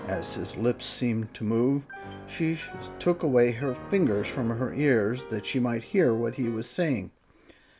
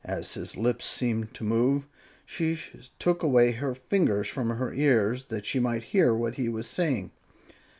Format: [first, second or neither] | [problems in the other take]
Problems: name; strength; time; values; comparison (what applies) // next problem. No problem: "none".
second | background sound (Piano); 16 dB below the speech